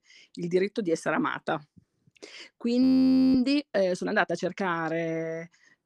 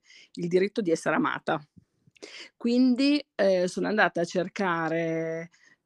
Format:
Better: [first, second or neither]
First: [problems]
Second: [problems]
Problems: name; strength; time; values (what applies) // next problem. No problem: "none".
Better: second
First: audio freezing; at 3 s for 0.5 s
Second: none